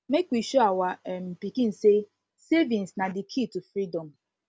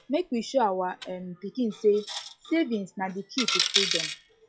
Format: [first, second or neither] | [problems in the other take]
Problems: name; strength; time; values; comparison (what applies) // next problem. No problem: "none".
first | noise reduction (classical method log-MMSE)